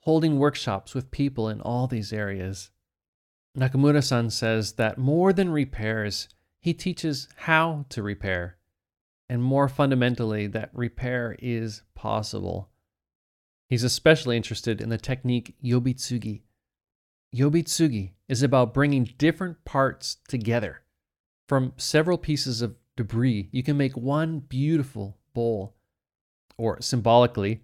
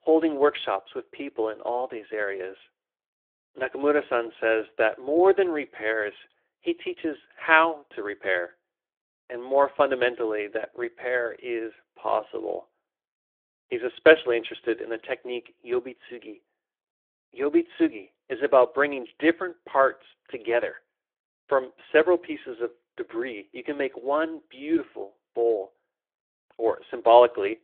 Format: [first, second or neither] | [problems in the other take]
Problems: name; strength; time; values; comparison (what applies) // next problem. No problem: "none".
first | phone-call audio; nothing above 3.5 kHz